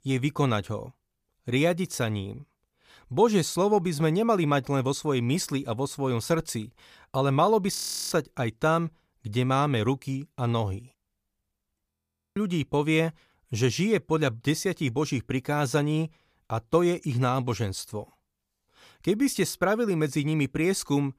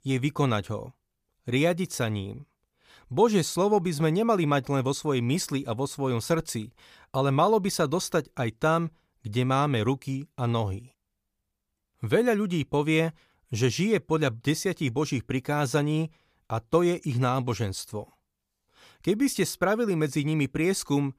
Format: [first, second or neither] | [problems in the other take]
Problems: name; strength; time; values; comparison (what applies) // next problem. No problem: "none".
second | audio freezing; at 8 s and at 12 s